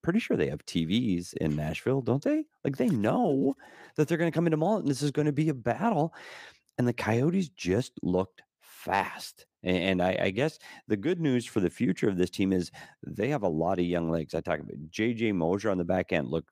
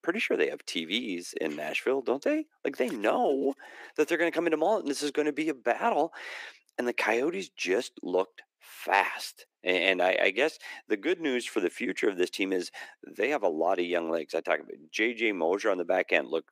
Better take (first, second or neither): first